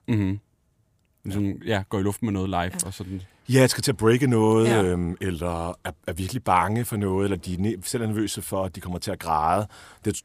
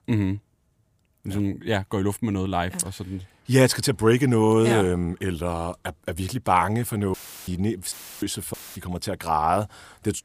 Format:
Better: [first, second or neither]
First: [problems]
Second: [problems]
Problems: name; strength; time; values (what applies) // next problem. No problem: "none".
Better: first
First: none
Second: audio cutting out; filled with static; at 7 s, at 8 s and at 8.5 s